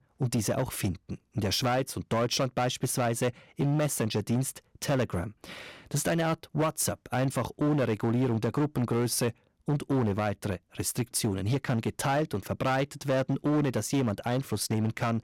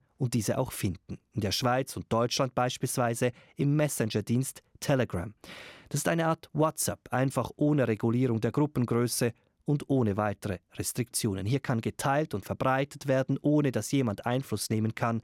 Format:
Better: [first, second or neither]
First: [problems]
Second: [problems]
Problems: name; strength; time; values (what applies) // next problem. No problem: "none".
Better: second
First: distortion; slight; 11% of the sound clipped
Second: none